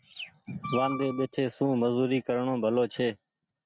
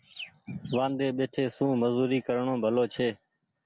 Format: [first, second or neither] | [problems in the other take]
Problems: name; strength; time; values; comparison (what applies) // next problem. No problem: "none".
second | noise reduction (neural mask model RNNoise)